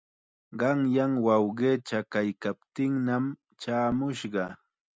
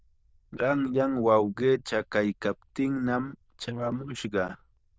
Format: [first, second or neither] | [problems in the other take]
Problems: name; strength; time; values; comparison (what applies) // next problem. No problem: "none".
first | noise reduction (neural diffusion model UNIVERSE++)